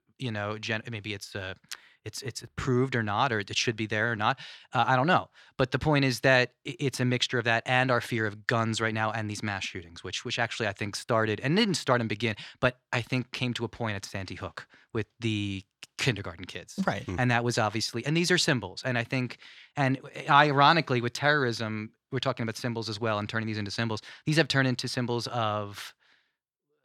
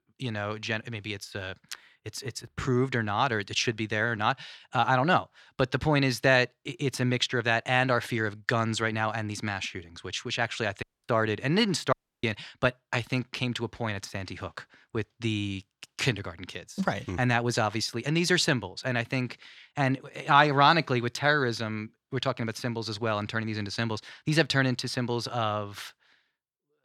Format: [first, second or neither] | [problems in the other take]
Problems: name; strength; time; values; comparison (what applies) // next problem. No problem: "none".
first | audio cutting out; at 11 s and at 12 s